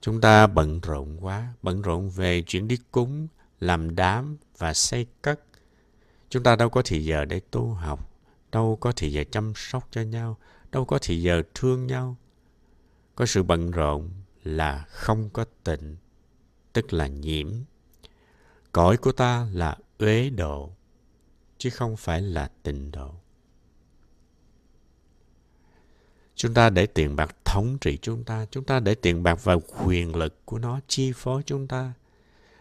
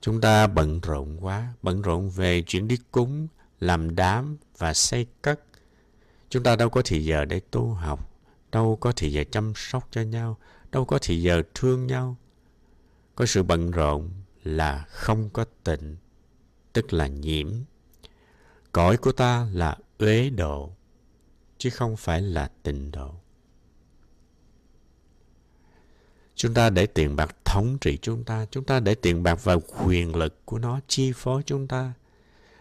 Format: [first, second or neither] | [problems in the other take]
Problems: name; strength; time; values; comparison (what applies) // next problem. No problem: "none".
first | distortion; slight; 1.5% of the sound clipped